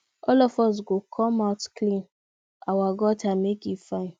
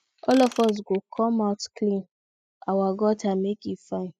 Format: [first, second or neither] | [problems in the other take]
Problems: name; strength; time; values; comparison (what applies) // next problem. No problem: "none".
first | noise reduction (classical method spectral subtraction)